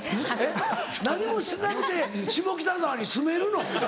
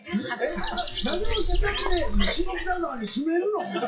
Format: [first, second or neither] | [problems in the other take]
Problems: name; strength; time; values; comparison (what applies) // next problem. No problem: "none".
first | noise reduction (classical method WPE with log-MMSE)